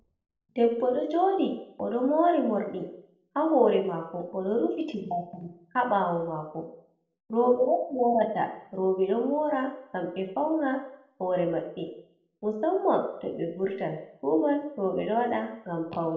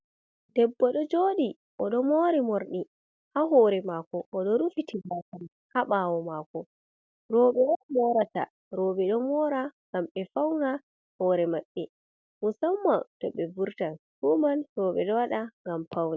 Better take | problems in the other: second | room echo; dies away in 0.6 s

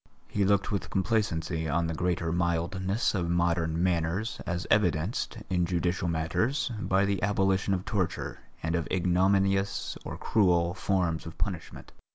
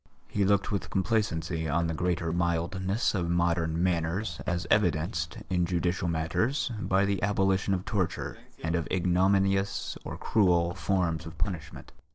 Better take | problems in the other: first | noise reduction (neural separator model SepFormer DNS4)

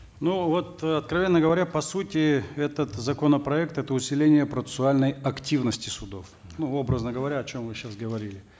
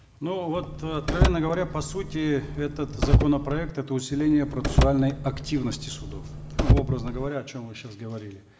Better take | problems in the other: first | background sound (Car); 2 dB above the speech // room echo; dies away in 1.2 s

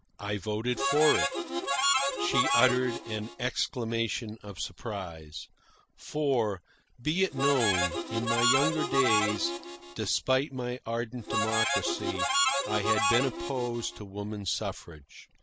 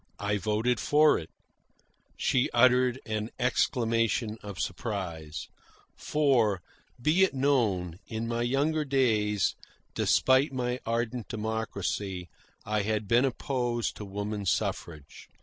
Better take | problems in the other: second | background sound (Harmonica); 2 dB above the speech

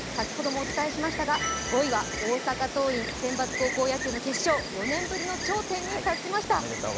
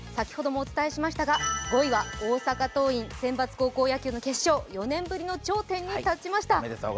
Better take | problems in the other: second | background sound (Insect); 5 dB below the speech

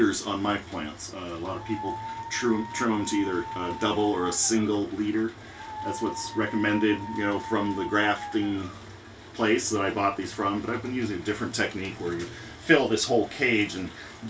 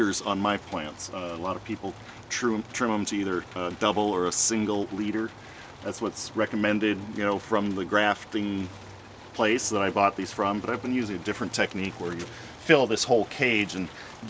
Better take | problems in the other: second | background sound (Dog); 11 dB below the speech // room echo; dies away in 0.2 s

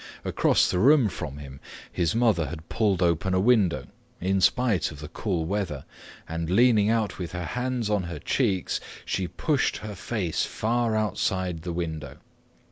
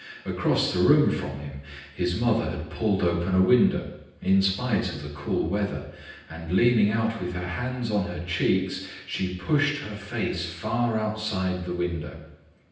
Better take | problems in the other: first | room echo; dies away in 0.9 s

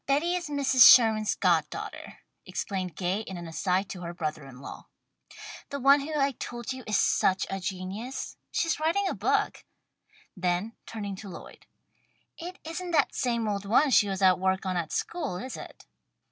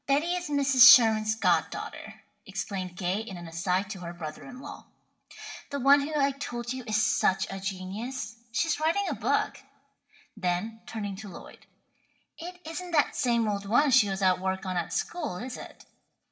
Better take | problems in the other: first | room echo; dies away in 0.5 s

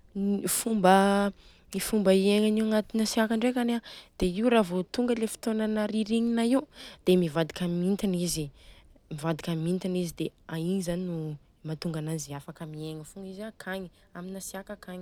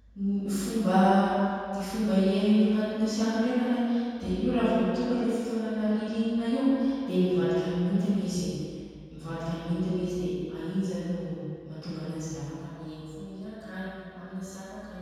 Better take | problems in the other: first | room echo; dies away in 2.1 s

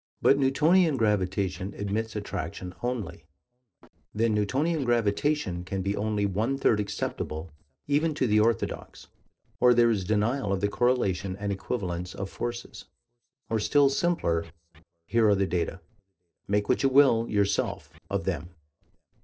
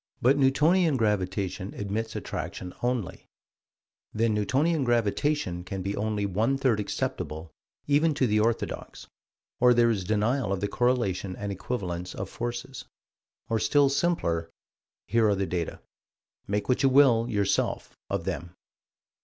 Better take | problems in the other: second | noise reduction (neural separator model SepFormer DNS4)

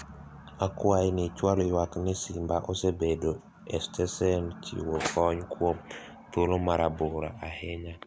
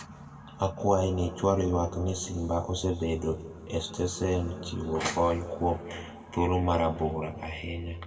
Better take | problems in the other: first | room echo; dies away in 1.2 s

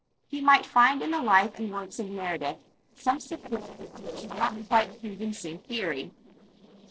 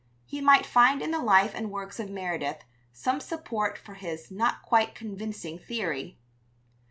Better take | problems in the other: second | noise reduction (neural separator model SepFormer DNS4)

